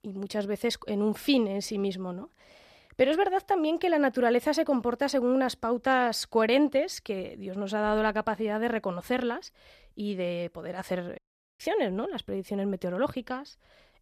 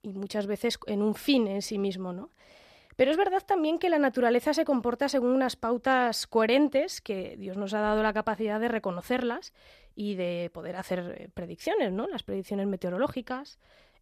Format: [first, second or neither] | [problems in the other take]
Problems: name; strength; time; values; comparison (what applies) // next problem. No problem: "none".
second | audio cutting out; at 11 s